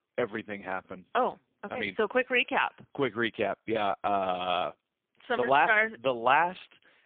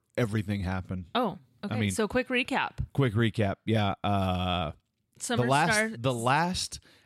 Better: second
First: phone-call audio; poor line; nothing above 3.5 kHz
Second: none

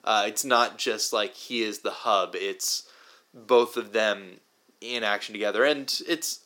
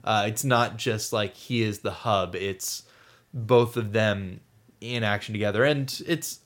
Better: second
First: thin; somewhat; fading below 300 Hz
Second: none

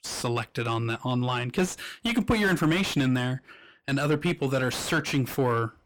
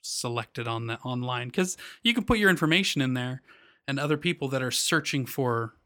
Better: second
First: distortion; heavy; 6 dB below the speech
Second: none

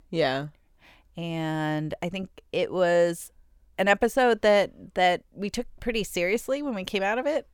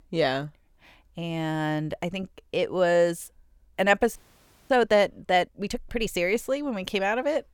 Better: first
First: none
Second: audio freezing; at 4 s for 0.5 s

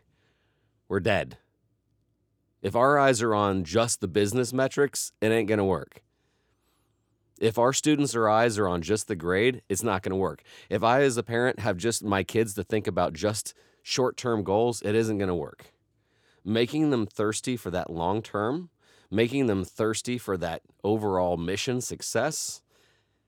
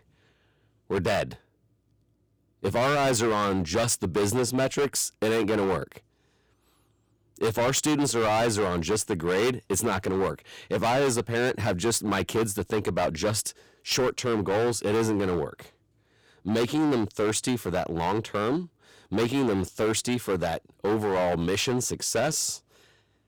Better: first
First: none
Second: distortion; heavy; 15% of the sound clipped

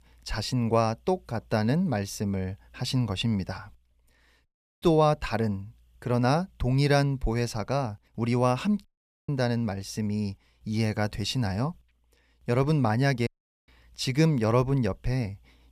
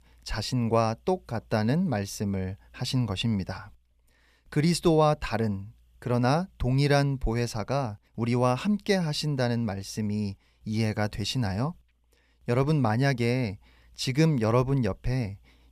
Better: second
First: audio cutting out; at 4.5 s, at 9 s and at 13 s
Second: none

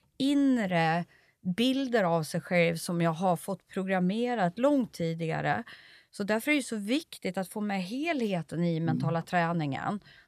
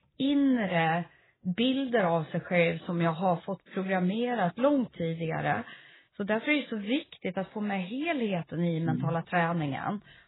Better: first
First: none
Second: garbled, watery; badly; nothing above 4 kHz

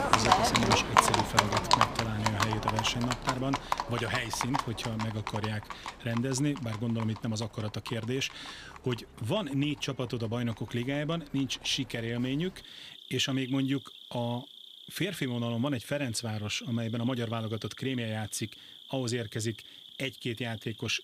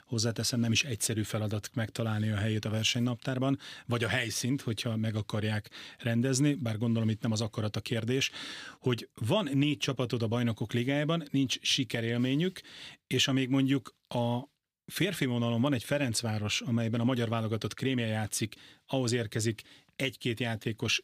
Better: second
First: animal sounds; very loud; throughout; 3 dB above the speech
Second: none

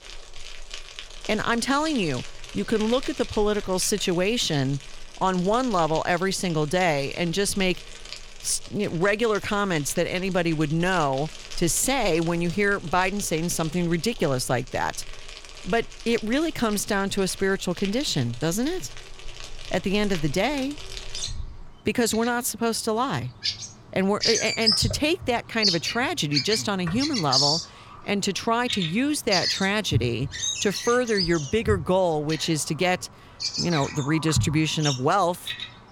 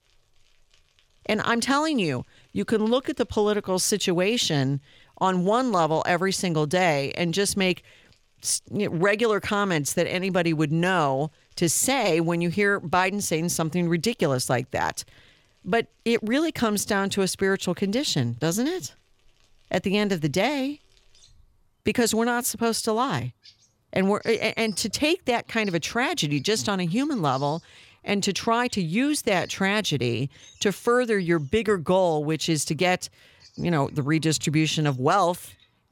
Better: second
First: animal sounds; loud; throughout; 6 dB below the speech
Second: animal sounds; faint; throughout; 30 dB below the speech

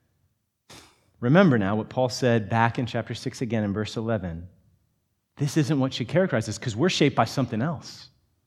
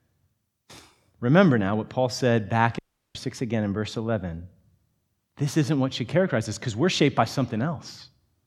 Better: first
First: none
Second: audio cutting out; at 3 s

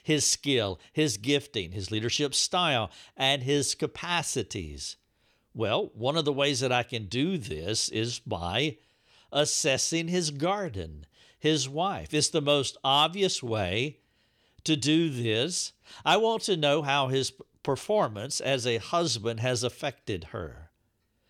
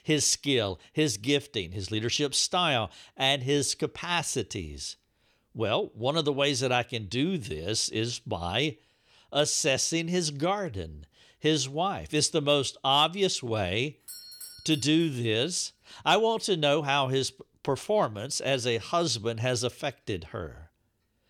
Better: first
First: none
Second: doorbell; faint; from 14 to 15 s; peak 15 dB below the speech

